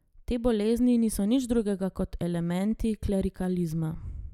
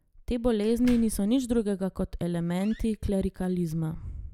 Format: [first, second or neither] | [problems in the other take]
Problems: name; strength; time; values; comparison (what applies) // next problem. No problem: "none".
first | background sound (Slam); 18 dB below the speech